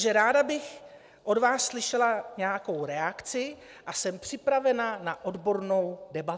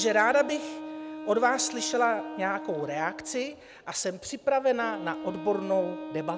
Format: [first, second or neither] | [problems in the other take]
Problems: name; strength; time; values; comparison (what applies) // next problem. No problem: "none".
first | background sound (Wind instrument, woodwind instrument); 11 dB below the speech